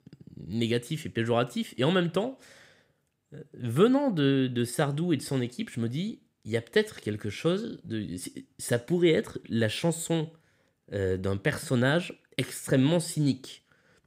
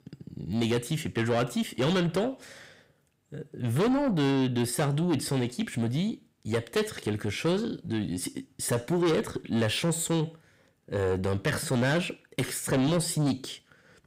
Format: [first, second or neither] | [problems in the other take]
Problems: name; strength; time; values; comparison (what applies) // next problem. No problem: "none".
first | distortion; heavy; 8 dB below the speech